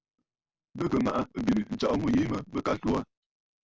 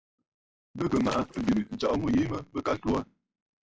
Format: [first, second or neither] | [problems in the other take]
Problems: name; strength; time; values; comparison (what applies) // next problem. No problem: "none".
first | noise reduction (classical method log-MMSE)